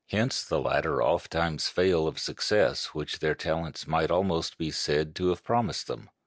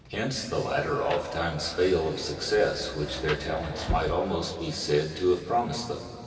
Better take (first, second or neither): first